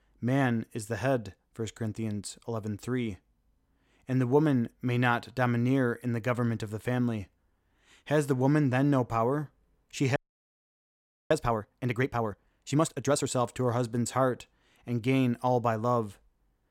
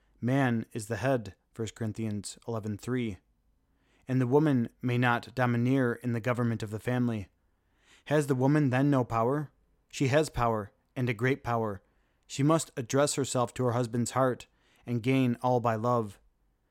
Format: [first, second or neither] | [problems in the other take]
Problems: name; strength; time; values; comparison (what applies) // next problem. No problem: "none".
second | audio freezing; at 10 s for 1 s